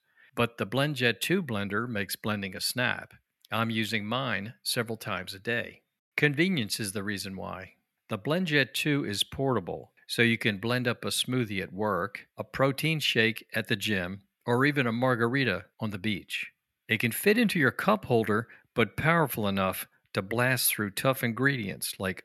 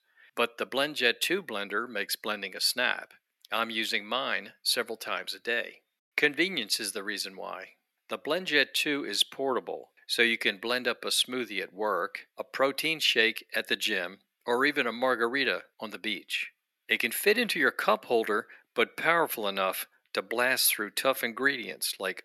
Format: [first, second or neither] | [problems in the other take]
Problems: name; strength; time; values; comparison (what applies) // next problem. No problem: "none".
first | thin; somewhat; fading below 300 Hz